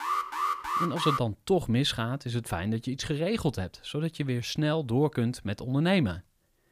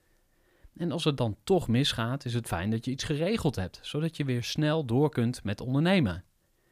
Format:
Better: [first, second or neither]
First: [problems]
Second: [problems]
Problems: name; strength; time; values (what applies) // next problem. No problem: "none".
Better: second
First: alarm; loud; until 1 s; peak level with the speech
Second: none